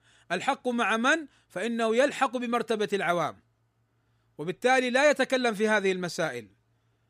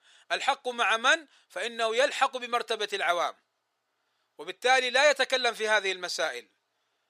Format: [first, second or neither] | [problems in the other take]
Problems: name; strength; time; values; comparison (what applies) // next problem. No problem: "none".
first | thin; very; fading below 650 Hz